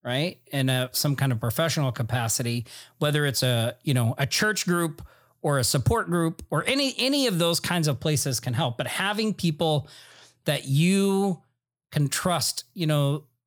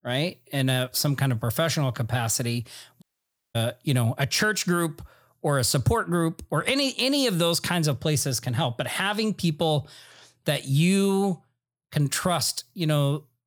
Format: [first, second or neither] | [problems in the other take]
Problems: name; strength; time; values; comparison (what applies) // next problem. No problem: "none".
first | audio cutting out; at 3 s for 0.5 s